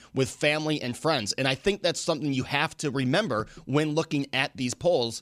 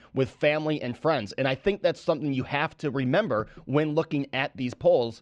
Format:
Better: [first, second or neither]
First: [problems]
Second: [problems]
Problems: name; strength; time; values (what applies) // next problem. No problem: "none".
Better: first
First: none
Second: muffled; slightly; fading above 2.5 kHz